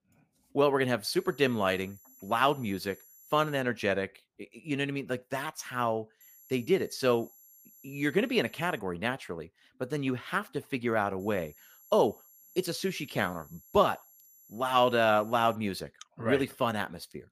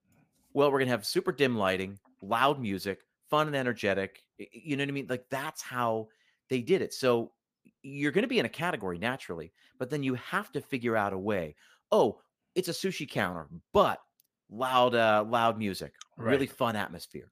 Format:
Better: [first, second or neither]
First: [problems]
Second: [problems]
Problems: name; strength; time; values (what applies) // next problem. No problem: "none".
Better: second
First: high-pitched whine; faint; from 1 to 3.5 s, from 6 to 9 s and from 11 to 16 s; 11.5 kHz, 25 dB below the speech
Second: none